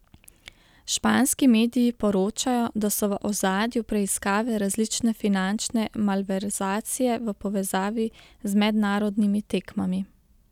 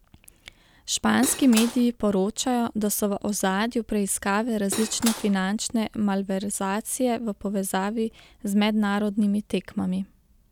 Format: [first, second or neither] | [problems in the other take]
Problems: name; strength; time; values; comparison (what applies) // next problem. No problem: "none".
first | background sound (Cutlery, silverware / Dishes, pots, and pans); 8 dB below the speech